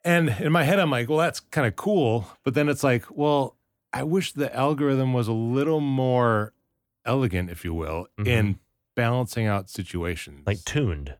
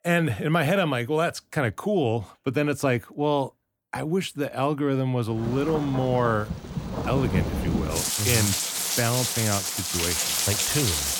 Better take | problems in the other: first | rain or running water; very loud; from 5.5 s on; 1 dB above the speech

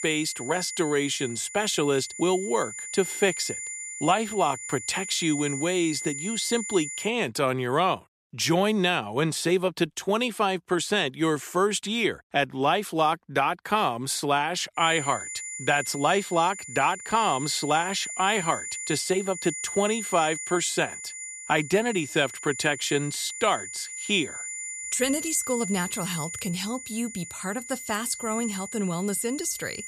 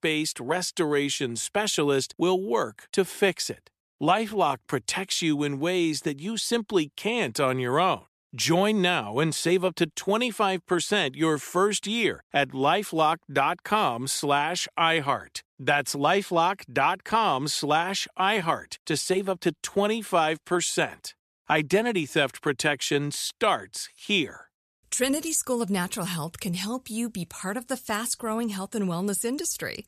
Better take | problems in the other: second | high-pitched whine; loud; until 7 s and from 15 s on; 7 kHz, 8 dB below the speech

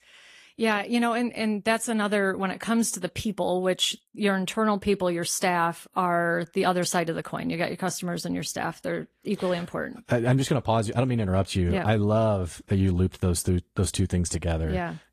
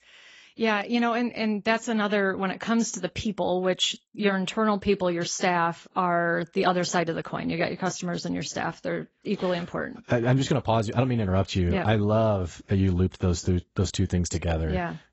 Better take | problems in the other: first | garbled, watery; badly; nothing above 7.5 kHz; slightly in the first

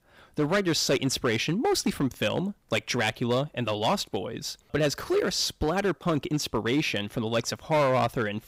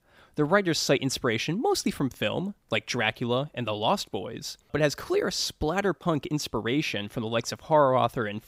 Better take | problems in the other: second | distortion; slight; 6% of the sound clipped

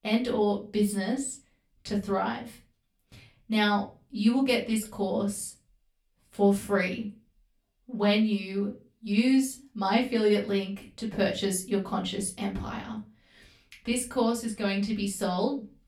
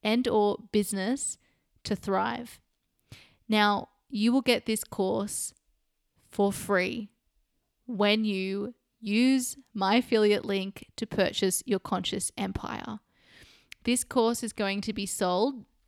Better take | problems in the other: second | off-mic speech; far // room echo; very slight; dies away in 0.3 s

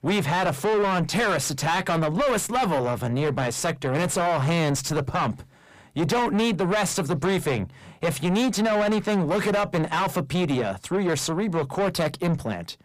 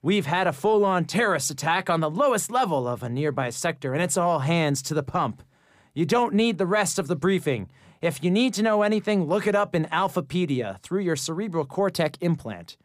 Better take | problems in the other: second | distortion; heavy; 7 dB below the speech

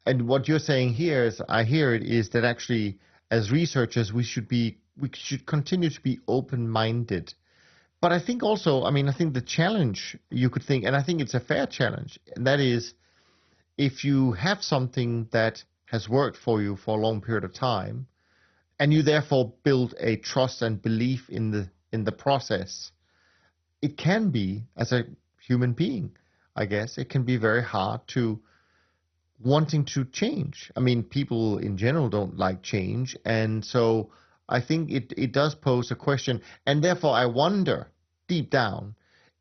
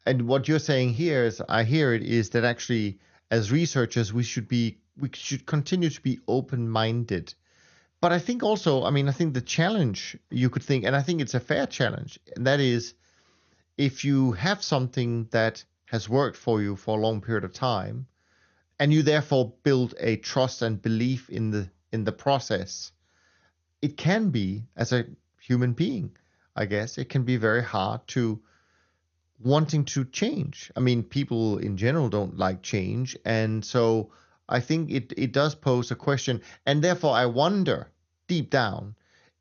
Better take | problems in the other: second | garbled, watery; badly; nothing above 6 kHz; slightly in the second

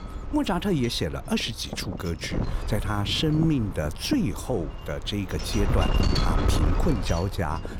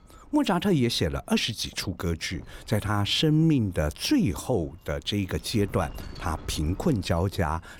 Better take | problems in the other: second | wind noise on the microphone; heavy; 6 dB below the speech; occasional gusts in the second

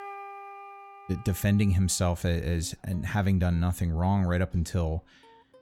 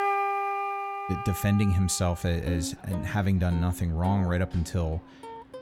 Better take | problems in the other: first | background music; loud; throughout; 7 dB below the speech; faint in the first

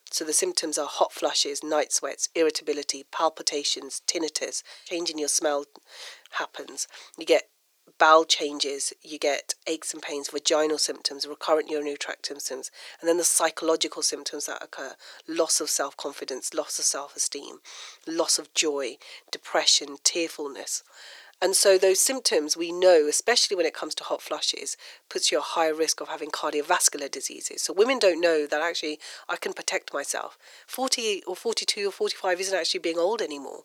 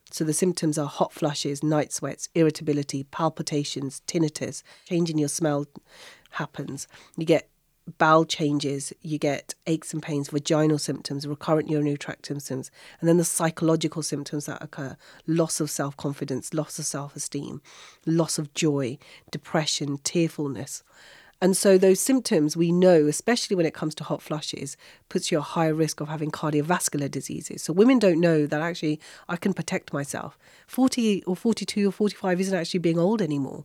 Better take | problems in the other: second | thin; very; fading below 400 Hz

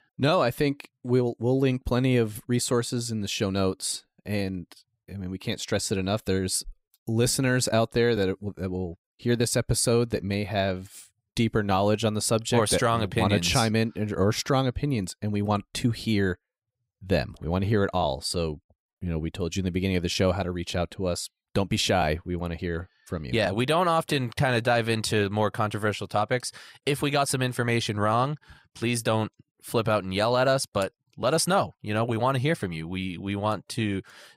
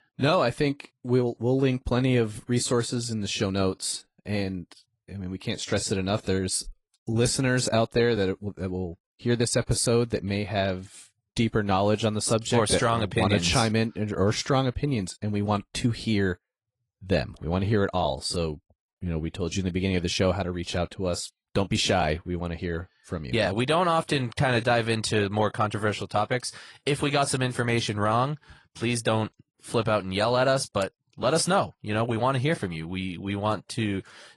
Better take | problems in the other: first | garbled, watery; slightly; nothing above 10.5 kHz

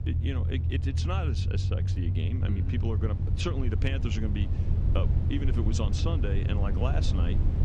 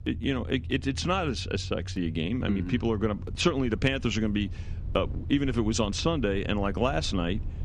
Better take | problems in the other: second | low rumble; loud; throughout; 5 dB below the speech; faint in the second

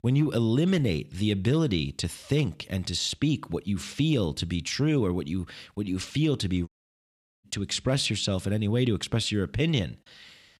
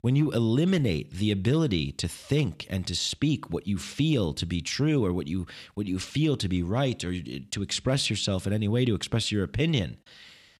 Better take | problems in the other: second | audio cutting out; at 6.5 s for 1 s

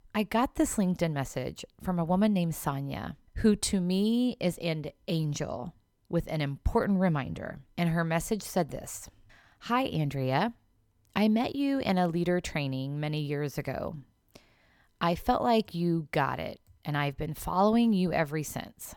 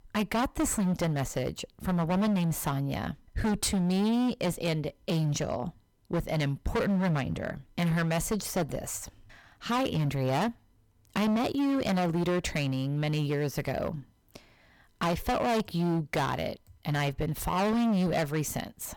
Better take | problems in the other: first | distortion; heavy; 17% of the sound clipped

